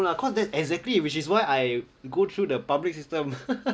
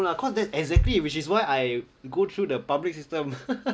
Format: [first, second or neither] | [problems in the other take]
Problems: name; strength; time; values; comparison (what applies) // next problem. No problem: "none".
first | background sound (Bass drum); 2 dB below the speech